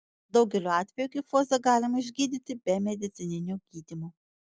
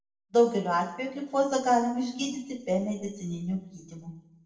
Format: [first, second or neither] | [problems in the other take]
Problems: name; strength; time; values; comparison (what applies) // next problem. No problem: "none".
first | room echo; dies away in 0.7 s